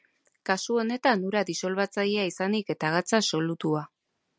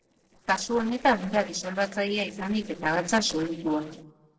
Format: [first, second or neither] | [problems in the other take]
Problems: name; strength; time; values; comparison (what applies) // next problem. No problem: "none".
first | noise reduction (neural separator model SepFormer DNS4)